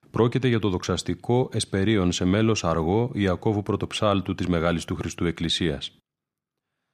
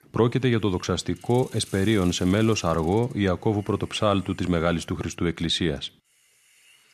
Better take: first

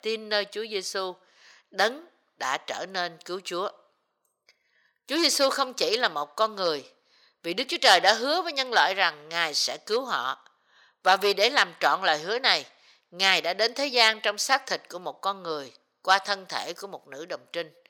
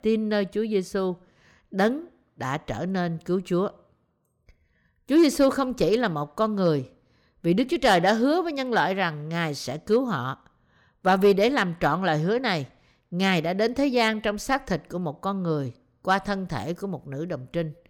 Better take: second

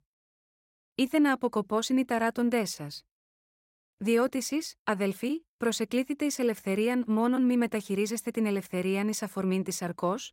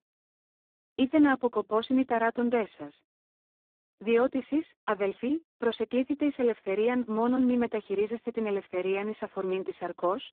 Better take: first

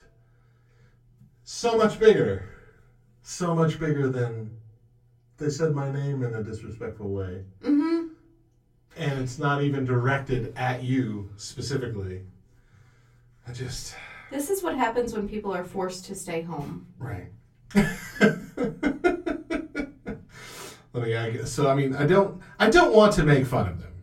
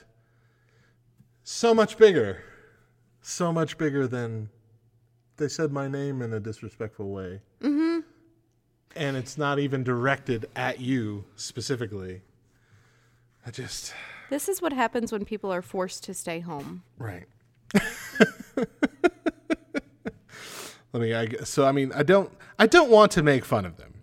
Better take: second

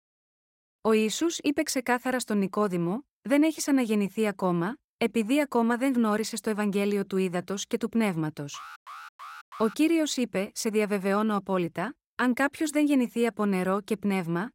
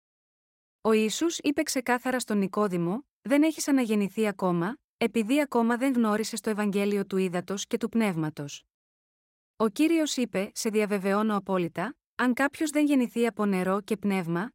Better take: second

